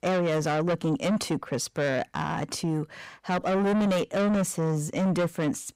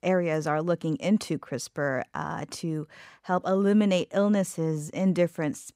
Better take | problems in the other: second | distortion; heavy; 7 dB below the speech

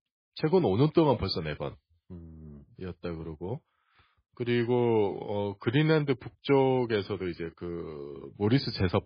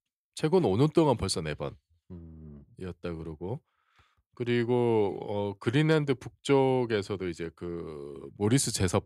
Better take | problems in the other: second | garbled, watery; badly; nothing above 4.5 kHz

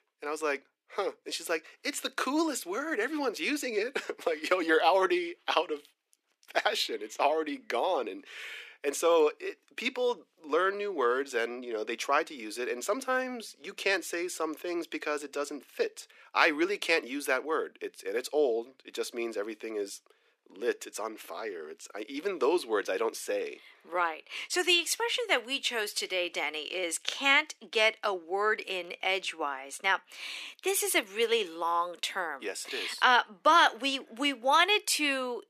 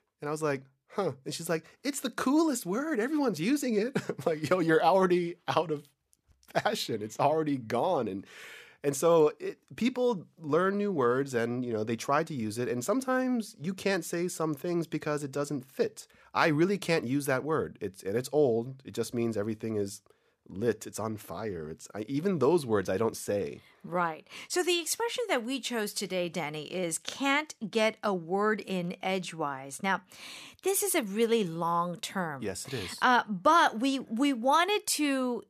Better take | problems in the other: second | thin; somewhat; fading below 300 Hz

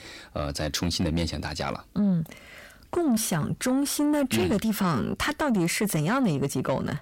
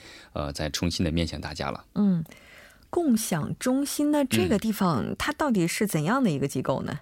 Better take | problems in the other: second | distortion; slight; 10 dB below the speech

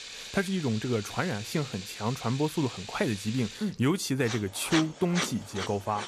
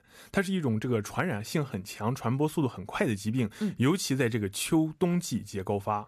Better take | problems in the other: second | household noises; loud; throughout; 8 dB below the speech

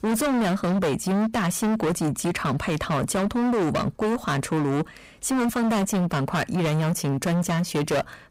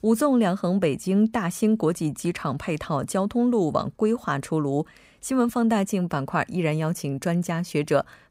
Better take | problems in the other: second | distortion; heavy; 33% of the sound clipped

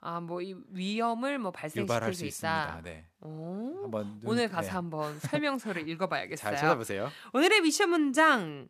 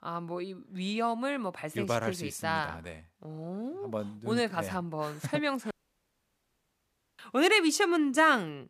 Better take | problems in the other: first | audio cutting out; at 5.5 s for 1.5 s

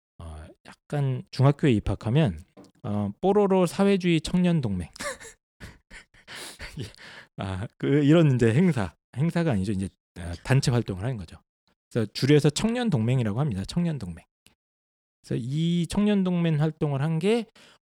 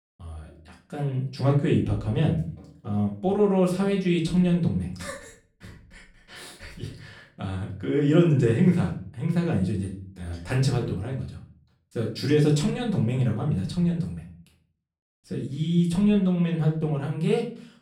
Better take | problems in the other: first | off-mic speech; far // room echo; slight; dies away in 0.4 s

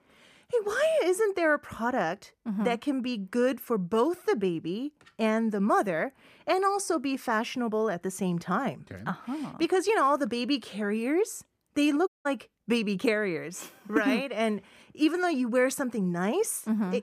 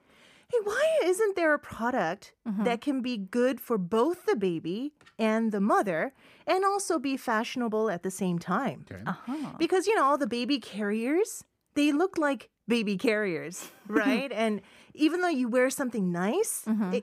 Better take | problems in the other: second | audio cutting out; at 12 s

